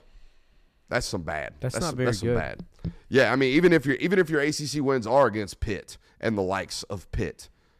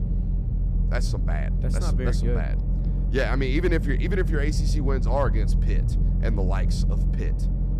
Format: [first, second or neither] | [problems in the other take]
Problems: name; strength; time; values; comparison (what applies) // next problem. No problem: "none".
first | low rumble; loud; throughout; 9 dB below the speech